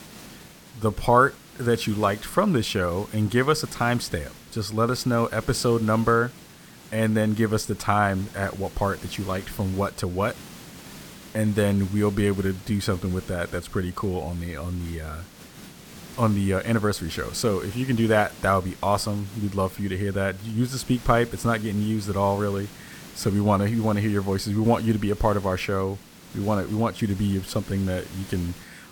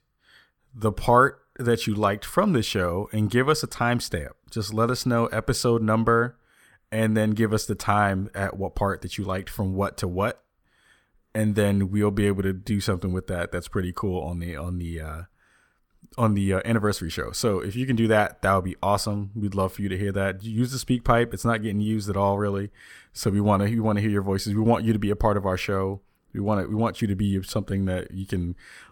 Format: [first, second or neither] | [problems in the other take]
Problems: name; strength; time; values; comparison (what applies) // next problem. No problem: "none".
second | hiss; noticeable; throughout; 20 dB below the speech